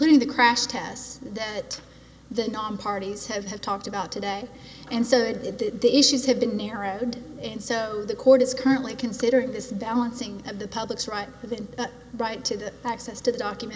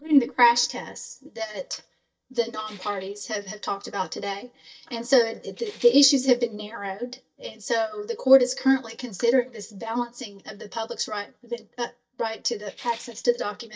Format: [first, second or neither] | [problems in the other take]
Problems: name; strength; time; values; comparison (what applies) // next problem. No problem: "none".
first | noise reduction (neural mask model DeepFilterNet 3)